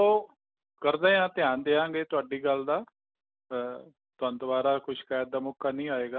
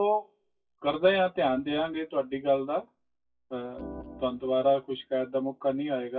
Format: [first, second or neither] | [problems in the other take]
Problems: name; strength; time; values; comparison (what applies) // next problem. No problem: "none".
first | noise reduction (classical method WPE with log-MMSE)